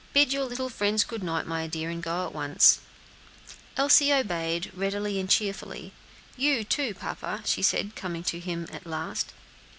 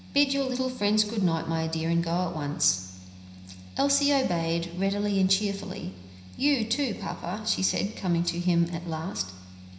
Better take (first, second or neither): first